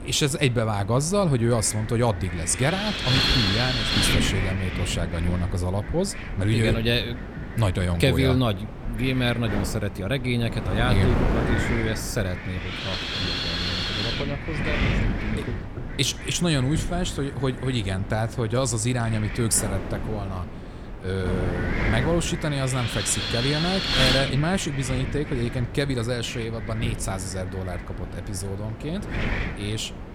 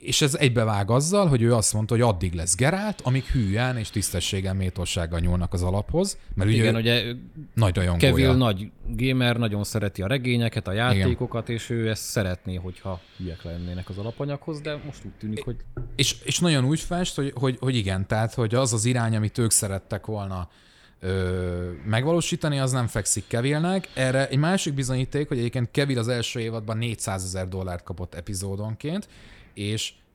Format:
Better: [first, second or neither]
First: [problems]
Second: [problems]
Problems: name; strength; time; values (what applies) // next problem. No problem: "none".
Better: second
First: wind noise on the microphone; heavy; as loud as the speech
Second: wind noise on the microphone; occasional gusts; 25 dB below the speech